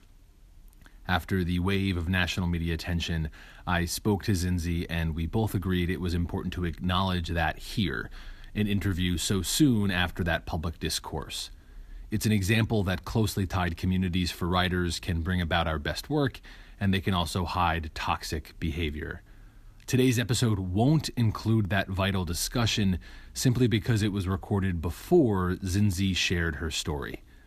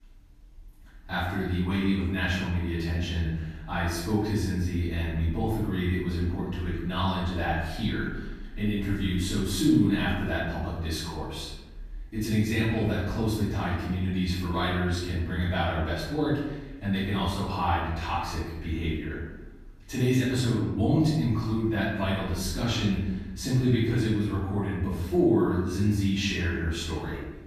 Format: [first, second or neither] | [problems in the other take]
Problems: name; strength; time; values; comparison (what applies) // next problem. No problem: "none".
first | off-mic speech; far // room echo; noticeable; dies away in 1 s